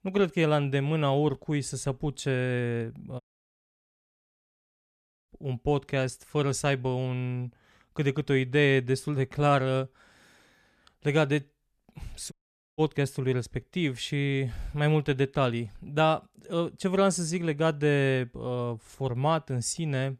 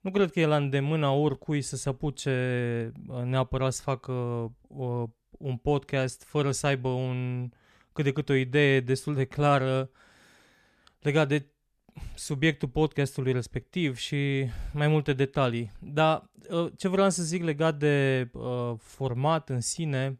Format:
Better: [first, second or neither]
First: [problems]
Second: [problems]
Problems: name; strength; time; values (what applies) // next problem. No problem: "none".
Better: second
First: audio cutting out; at 3 s for 2 s and at 12 s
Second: none